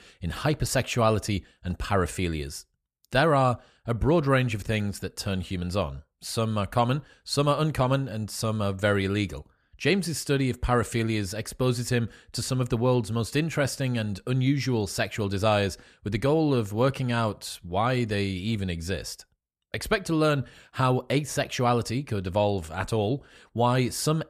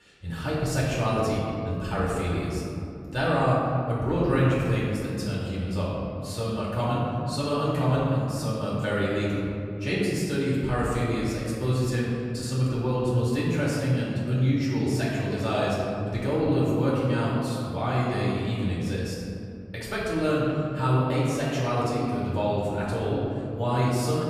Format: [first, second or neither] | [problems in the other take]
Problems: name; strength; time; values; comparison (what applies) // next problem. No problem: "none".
first | room echo; strong; dies away in 2.8 s // off-mic speech; far